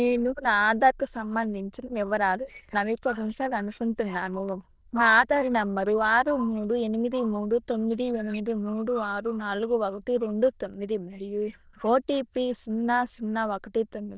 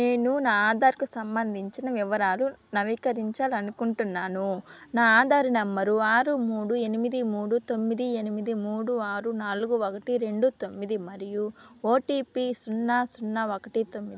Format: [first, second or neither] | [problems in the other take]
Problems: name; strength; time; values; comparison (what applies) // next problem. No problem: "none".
second | noise reduction (neural diffusion model UNIVERSE++)